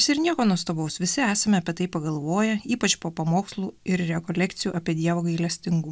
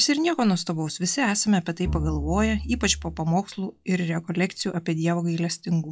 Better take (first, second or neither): first